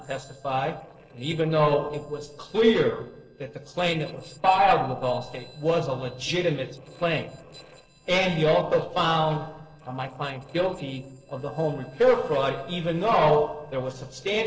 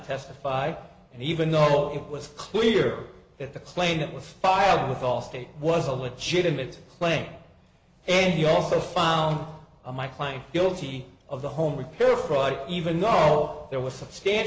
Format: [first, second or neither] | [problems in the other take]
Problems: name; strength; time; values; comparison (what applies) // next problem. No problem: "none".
second | noise reduction (neural separator model SepFormer DNS4)